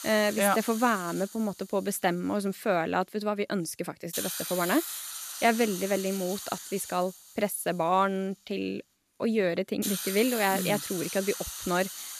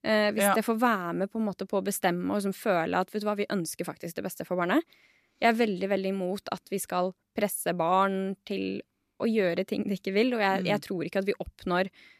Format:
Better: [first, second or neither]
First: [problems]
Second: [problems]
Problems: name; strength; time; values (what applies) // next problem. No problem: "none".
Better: second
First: hiss; loud; throughout; 7 dB below the speech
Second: none